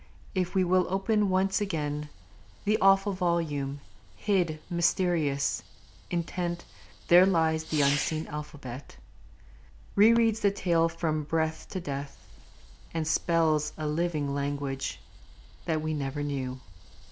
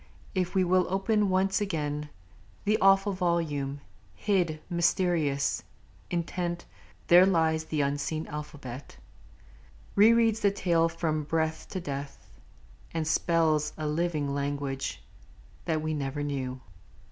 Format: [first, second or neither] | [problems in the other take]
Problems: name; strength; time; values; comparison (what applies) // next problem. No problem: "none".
second | background sound (Fireworks); 19 dB below the speech